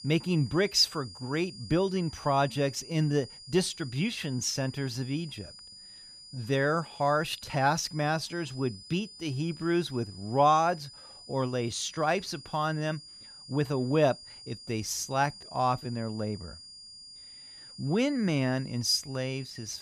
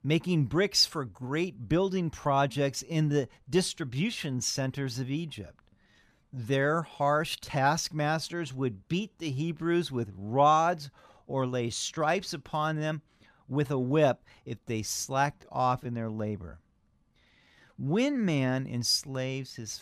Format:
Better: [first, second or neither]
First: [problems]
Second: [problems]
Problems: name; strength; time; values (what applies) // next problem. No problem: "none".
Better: second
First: high-pitched whine; noticeable; throughout; 5 kHz, 15 dB below the speech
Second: none